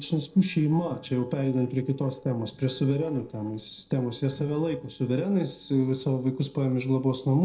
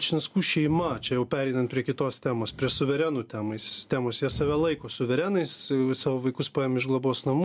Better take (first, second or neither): second